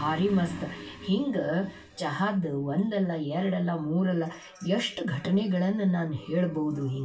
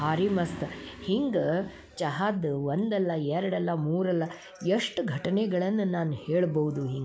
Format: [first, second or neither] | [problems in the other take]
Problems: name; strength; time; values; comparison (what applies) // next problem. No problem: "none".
second | room echo; dies away in 0.1 s